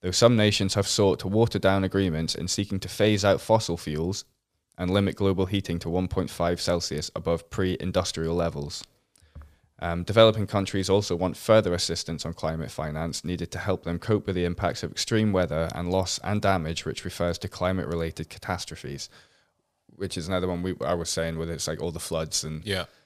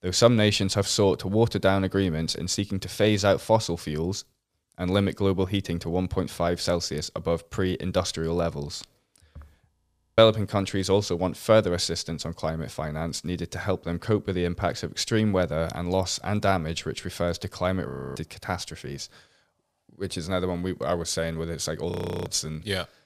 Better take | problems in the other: first | audio freezing; at 9.5 s, at 18 s and at 22 s

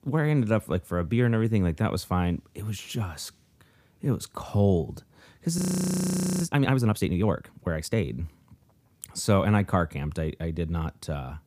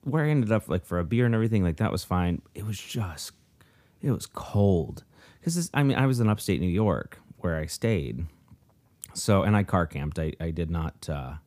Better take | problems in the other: second | audio freezing; at 5.5 s for 1 s

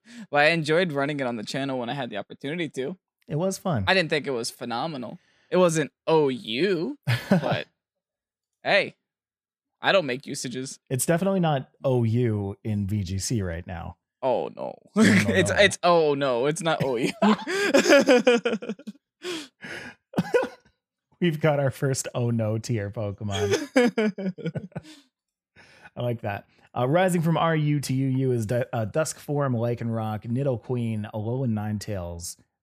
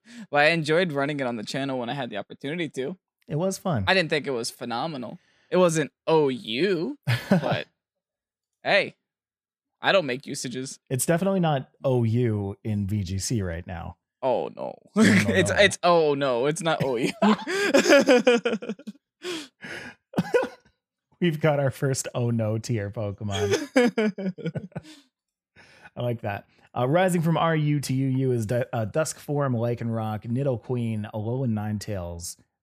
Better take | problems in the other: neither | none

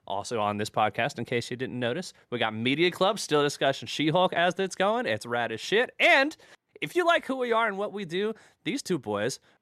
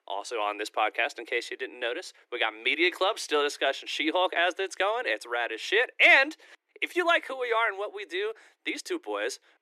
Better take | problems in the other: first | thin; very; fading below 300 Hz

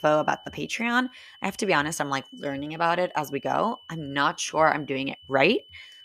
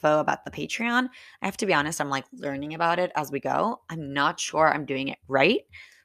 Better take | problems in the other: second | high-pitched whine; faint; throughout; 3 kHz, 25 dB below the speech

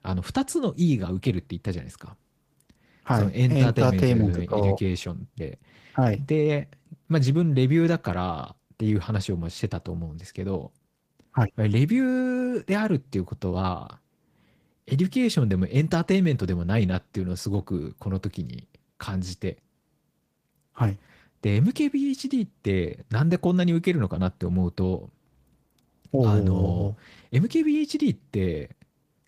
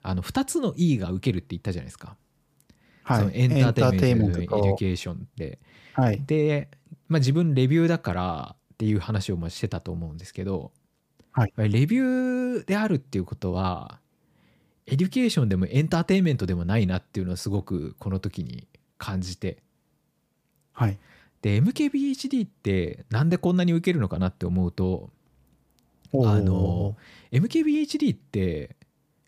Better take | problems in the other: second | garbled, watery; slightly; nothing above 15 kHz

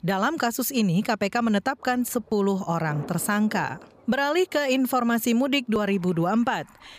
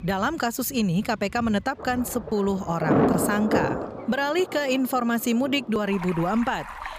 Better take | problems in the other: first | rain or running water; loud; throughout; 4 dB below the speech; faint in the first

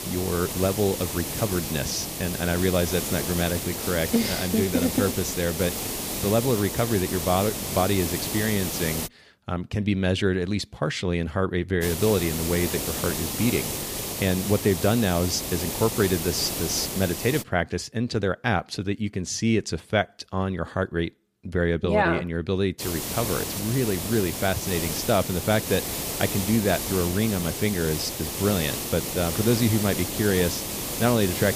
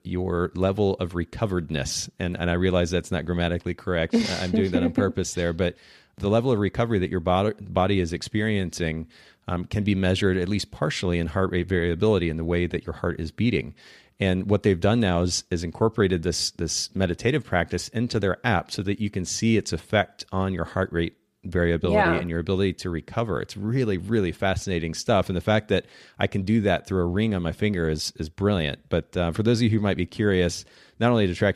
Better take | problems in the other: second | hiss; loud; until 9 s, from 12 to 17 s and from 23 s on; 3 dB below the speech

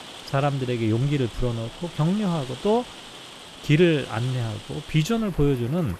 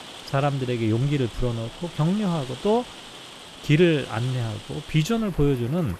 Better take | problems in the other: neither | rain or running water; noticeable; throughout; 15 dB below the speech; the same in both

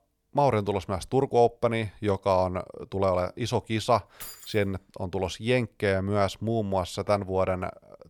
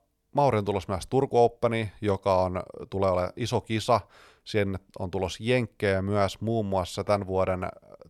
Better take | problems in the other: second | jangling keys; faint; at 4 s; peak 15 dB below the speech

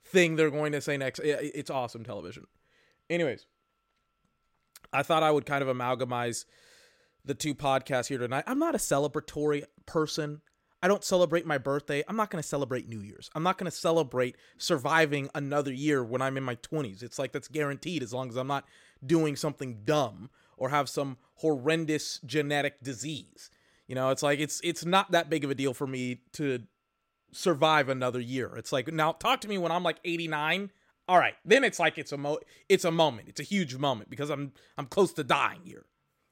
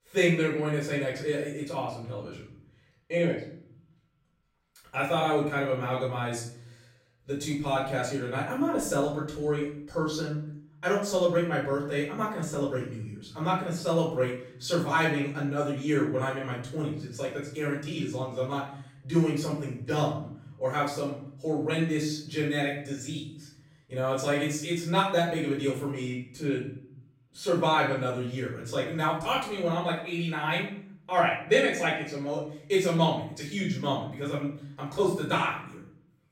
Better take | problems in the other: first | room echo; noticeable; dies away in 0.7 s // off-mic speech; far

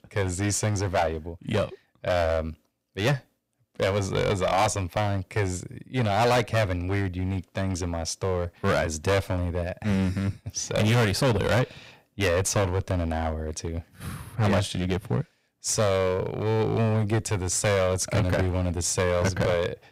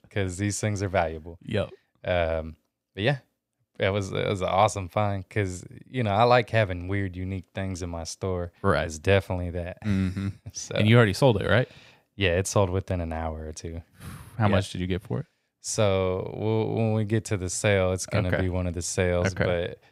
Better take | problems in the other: second | distortion; heavy; 12% of the sound clipped

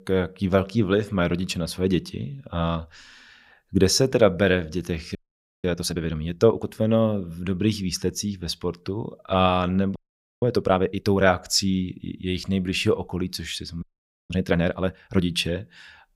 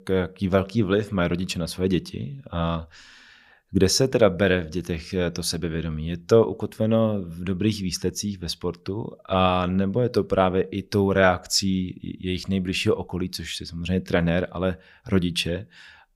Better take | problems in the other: second | audio freezing; at 5 s, at 10 s and at 14 s

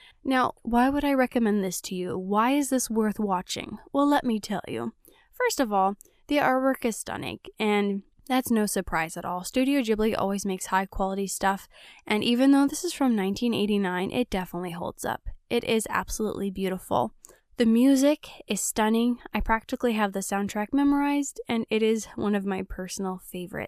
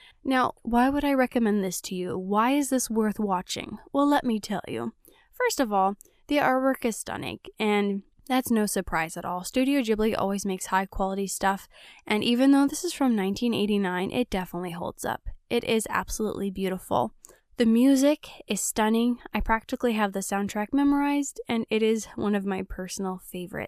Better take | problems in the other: neither | none

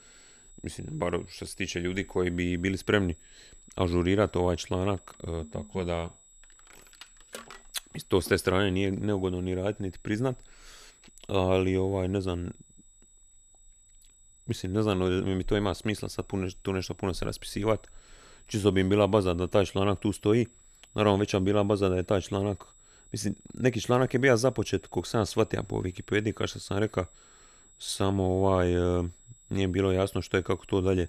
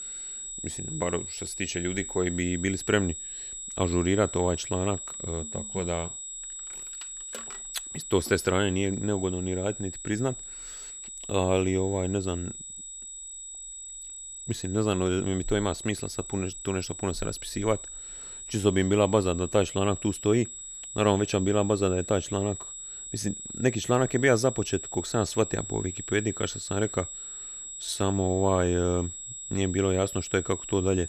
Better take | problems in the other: first | high-pitched whine; loud; throughout; 7.5 kHz, 9 dB below the speech; faint in the first

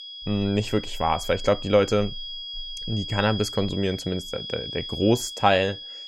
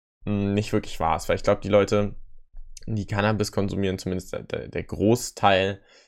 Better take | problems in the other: second | high-pitched whine; loud; throughout; 3.5 kHz, 9 dB below the speech

